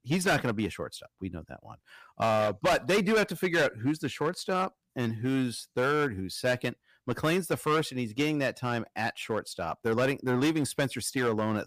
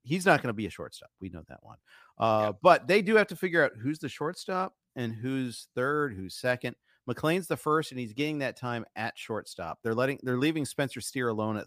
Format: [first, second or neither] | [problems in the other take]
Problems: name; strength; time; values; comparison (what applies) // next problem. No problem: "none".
second | distortion; heavy; 8% of the sound clipped